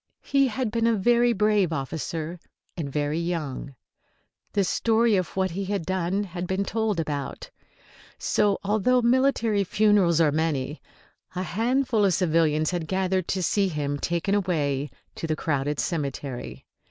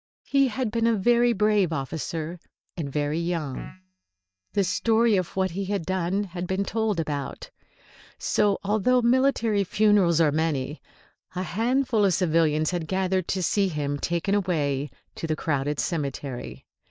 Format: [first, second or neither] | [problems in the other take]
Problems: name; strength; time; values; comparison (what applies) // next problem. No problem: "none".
first | noise reduction (neural mask model DeepFilterNet 3)